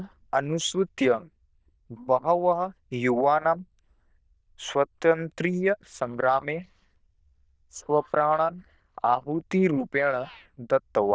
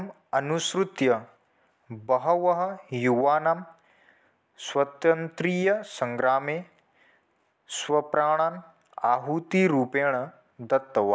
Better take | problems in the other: second | noise reduction (neural diffusion model UNIVERSE++)

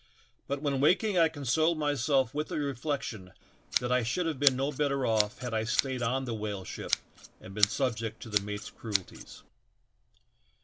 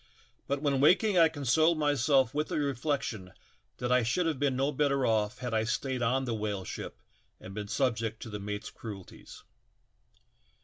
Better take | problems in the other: second | background sound (Scissors); 5 dB below the speech

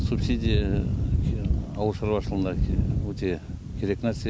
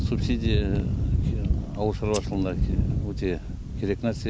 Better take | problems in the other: first | background sound (Scissors); 11 dB below the speech

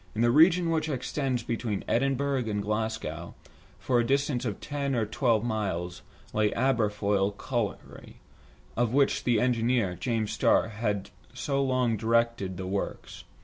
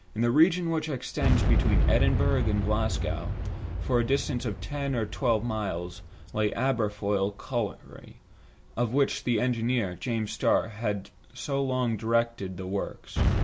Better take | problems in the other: first | background sound (Boom); 3 dB below the speech

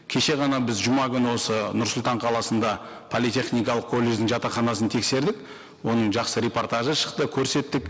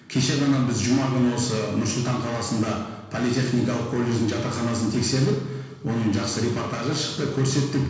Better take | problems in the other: first | room echo; dies away in 1.1 s

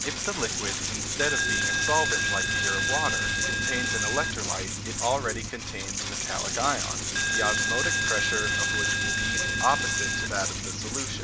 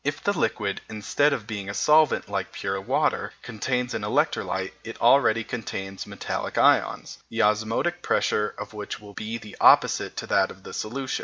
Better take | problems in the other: second | background sound (Coin (dropping)); 5 dB above the speech

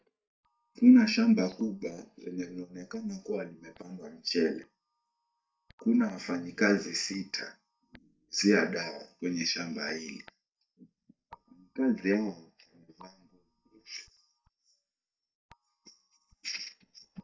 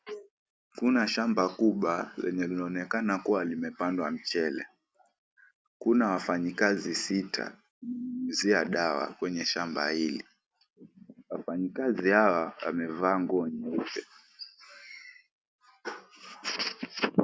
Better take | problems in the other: second | noise reduction (neural mask model DeepFilterNet 3)

